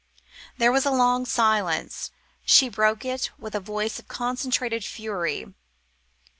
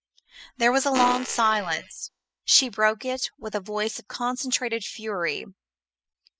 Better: first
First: none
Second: noise reduction (classical method spectral subtraction)

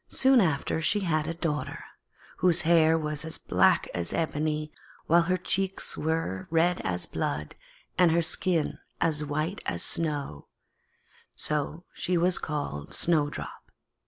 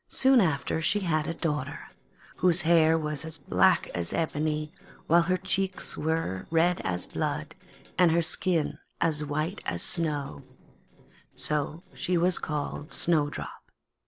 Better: first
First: none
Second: noise reduction (neural separator model SepFormer DNS4)

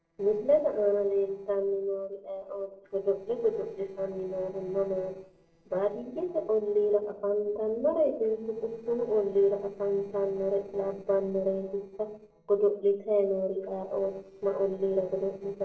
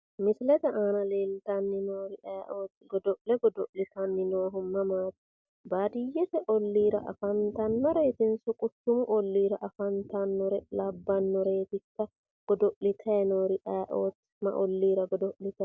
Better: second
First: noise reduction (neural separator model SepFormer DNS4)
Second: none

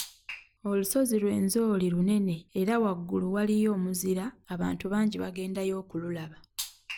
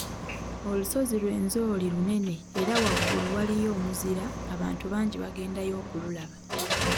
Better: first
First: none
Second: background sound (Car); 4 dB below the speech

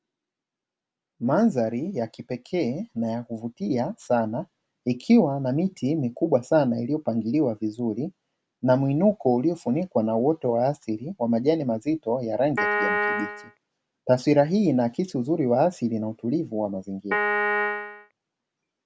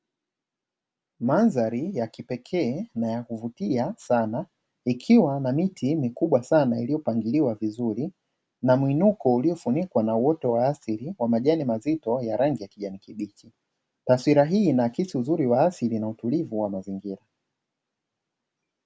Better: second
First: background sound (Piano); as loud as the speech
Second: none

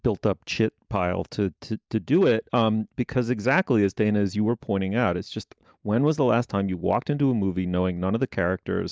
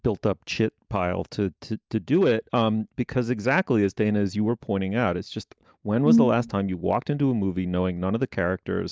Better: first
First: none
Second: background sound (Brass instrument); 2 dB above the speech

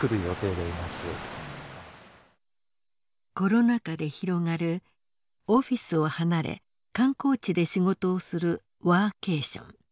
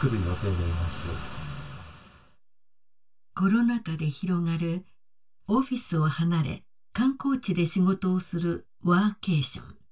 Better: first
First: none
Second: room echo; dies away in 0.1 s

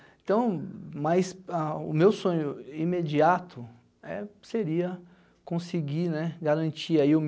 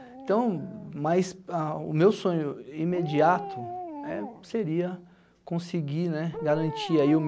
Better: first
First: none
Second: background sound (Dog); 13 dB below the speech

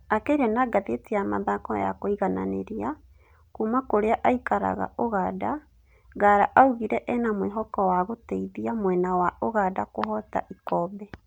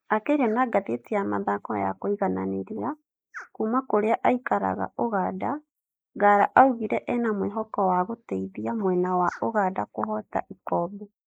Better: first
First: none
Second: noise reduction (neural mask model Resemble Enhance denoiser)

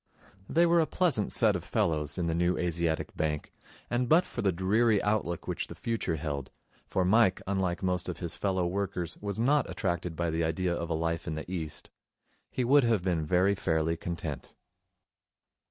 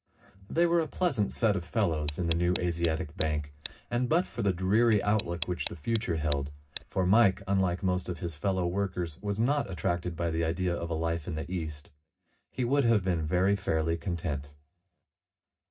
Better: first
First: none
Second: background sound (Tick); 16 dB below the speech // room echo; dies away in 0.4 s

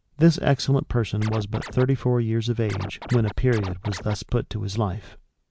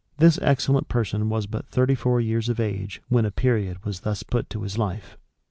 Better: second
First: background sound (Scratching (performance technique)); 13 dB below the speech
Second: none

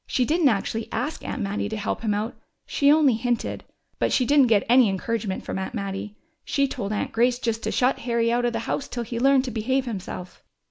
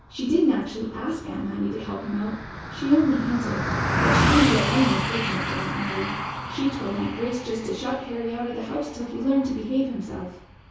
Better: first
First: none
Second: background sound (Car passing by); 3 dB below the speech // room echo; dies away in 0.6 s

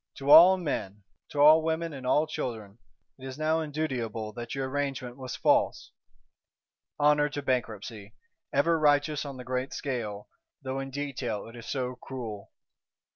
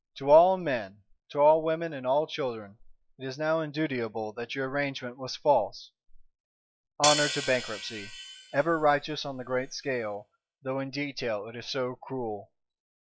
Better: first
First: none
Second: noise reduction (classical method log-MMSE)

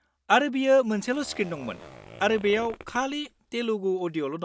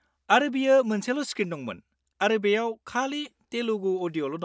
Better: second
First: background sound (Zipper (clothing)); 19 dB below the speech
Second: none

